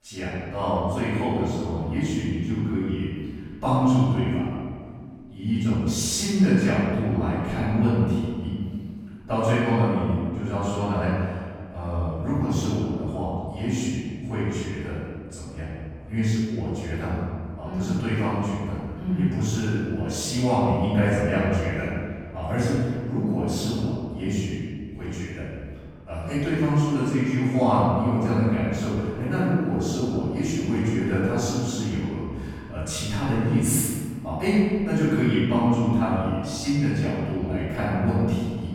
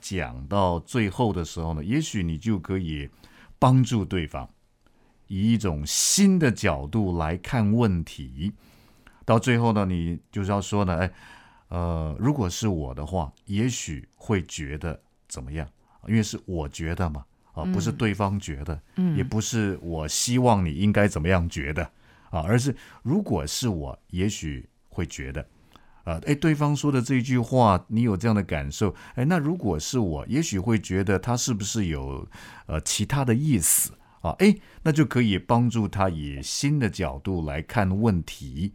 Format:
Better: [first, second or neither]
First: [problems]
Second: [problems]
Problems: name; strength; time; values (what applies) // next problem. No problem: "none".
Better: second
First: off-mic speech; far // room echo; strong; dies away in 1.9 s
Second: none